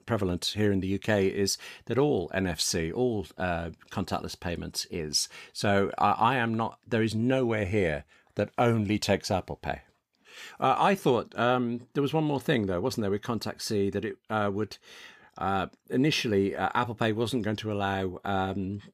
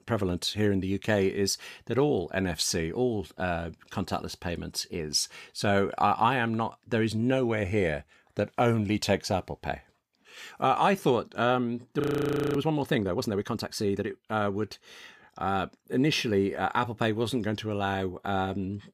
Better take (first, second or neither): first